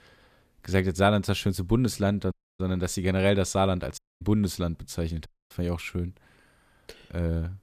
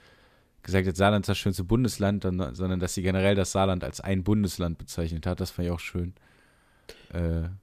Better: second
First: audio cutting out; at 2.5 s, at 4 s and at 5.5 s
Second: none

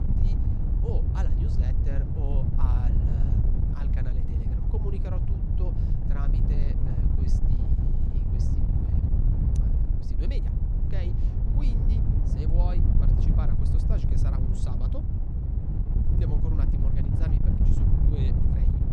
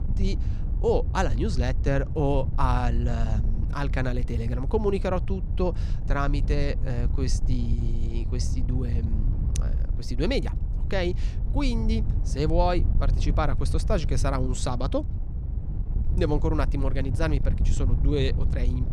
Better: second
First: wind noise on the microphone; heavy; 4 dB above the speech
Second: wind noise on the microphone; occasional gusts; 15 dB below the speech

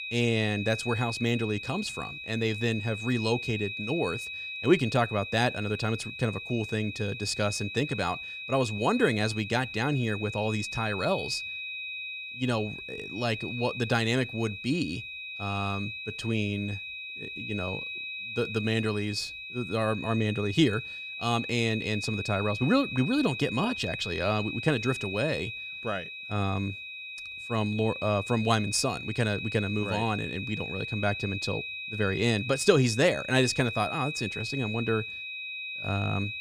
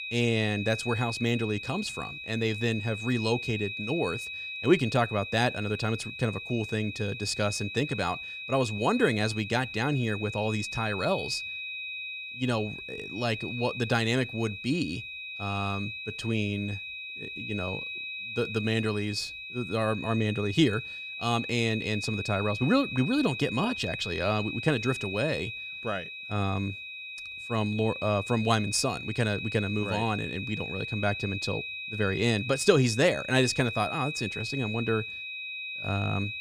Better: neither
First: high-pitched whine; loud; throughout; 2.5 kHz, 6 dB below the speech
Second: high-pitched whine; loud; throughout; 2.5 kHz, 6 dB below the speech

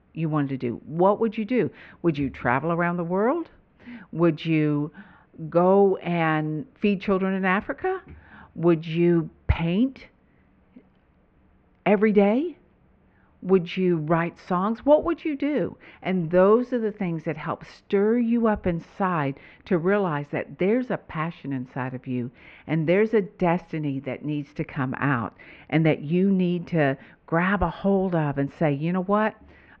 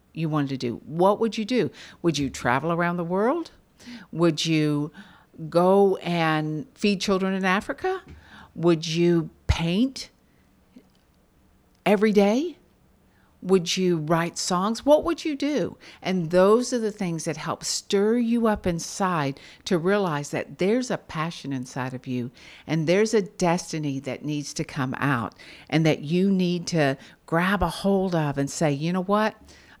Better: second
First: muffled; very; fading above 2.5 kHz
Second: none

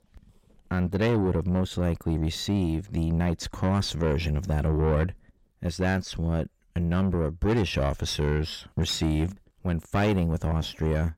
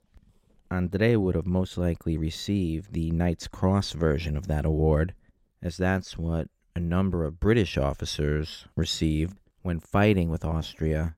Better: second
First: distortion; slight; 10 dB below the speech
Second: none

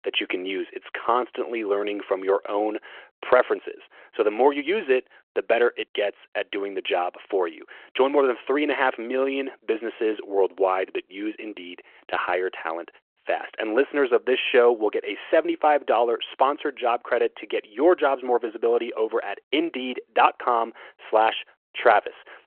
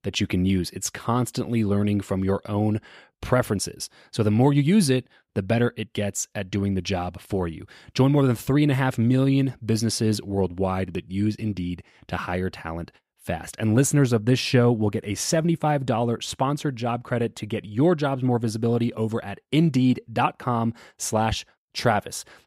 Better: second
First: phone-call audio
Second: none

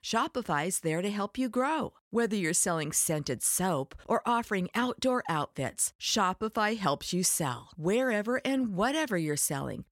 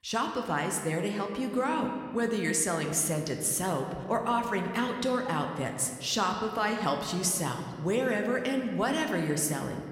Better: first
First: none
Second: room echo; slight; dies away in 1.7 s

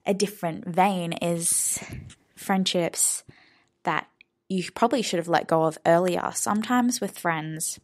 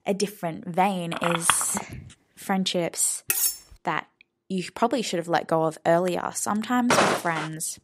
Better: first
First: none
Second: phone ringing; loud; at 1 s; peak 1 dB above the speech // clattering dishes; loud; at 3.5 s; peak 3 dB above the speech // footsteps; loud; at 7 s; peak 5 dB above the speech

